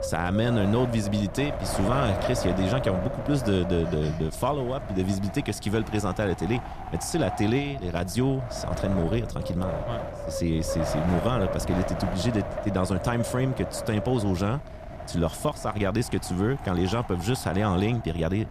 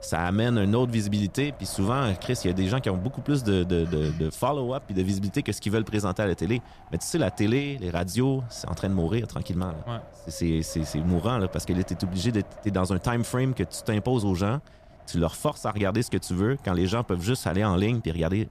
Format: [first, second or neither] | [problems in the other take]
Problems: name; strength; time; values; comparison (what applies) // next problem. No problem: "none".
second | wind noise on the microphone; heavy; 3 dB below the speech; occasional gusts in the second